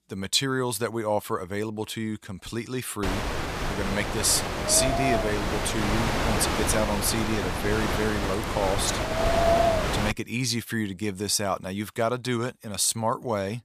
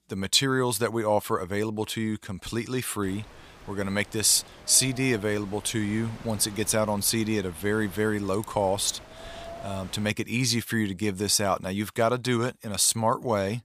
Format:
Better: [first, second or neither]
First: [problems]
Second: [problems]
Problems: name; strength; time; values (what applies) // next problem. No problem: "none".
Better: second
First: wind noise on the microphone; heavy; from 3 to 10 s; 2 dB above the speech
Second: wind noise on the microphone; occasional gusts; from 3 to 10 s; 20 dB below the speech